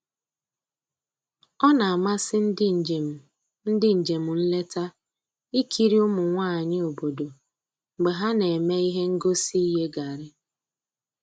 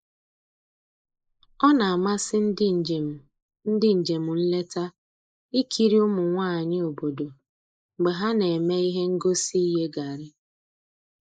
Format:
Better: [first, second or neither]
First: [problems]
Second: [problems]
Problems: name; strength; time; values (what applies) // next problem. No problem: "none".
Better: first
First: none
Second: noise reduction (neural mask model Resemble Enhance denoiser)